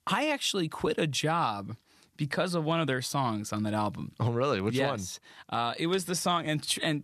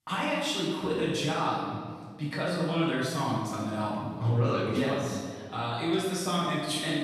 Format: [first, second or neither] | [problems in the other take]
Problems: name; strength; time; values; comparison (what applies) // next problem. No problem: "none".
first | room echo; strong; dies away in 1.5 s // off-mic speech; far